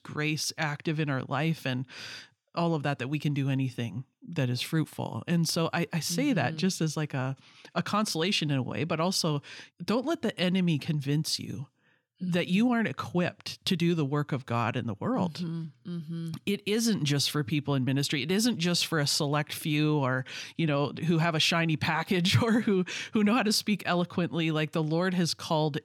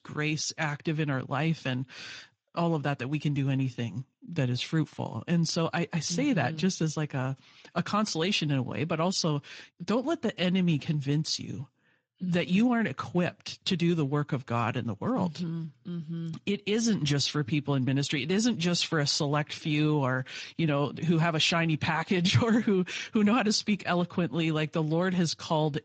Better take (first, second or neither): first